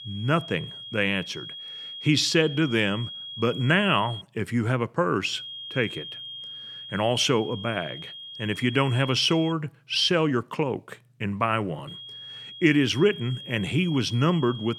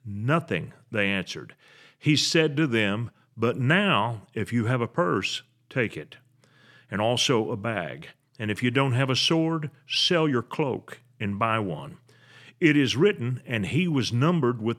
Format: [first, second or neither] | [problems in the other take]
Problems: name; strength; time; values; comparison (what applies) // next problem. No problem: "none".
second | high-pitched whine; noticeable; until 4 s, from 5 to 9.5 s and from 12 s on; 3.5 kHz, 10 dB below the speech